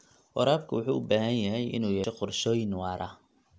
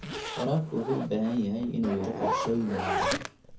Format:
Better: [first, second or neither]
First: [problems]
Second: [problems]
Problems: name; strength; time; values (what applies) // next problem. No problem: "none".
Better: first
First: none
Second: background sound (Zipper (clothing)); 3 dB below the speech // room echo; dies away in 0.3 s